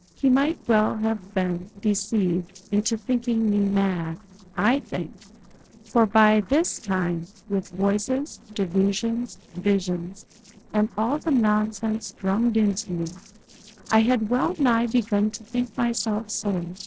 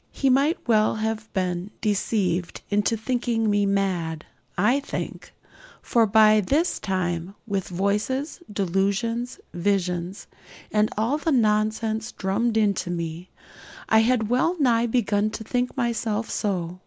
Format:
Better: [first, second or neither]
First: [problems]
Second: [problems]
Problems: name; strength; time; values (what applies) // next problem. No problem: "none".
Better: second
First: noise reduction (neural separator model SepFormer DNS4)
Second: none